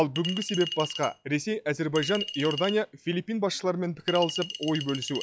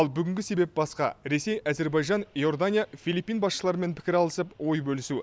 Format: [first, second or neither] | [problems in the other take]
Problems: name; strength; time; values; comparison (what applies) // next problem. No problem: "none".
second | noise reduction (classical method log-MMSE)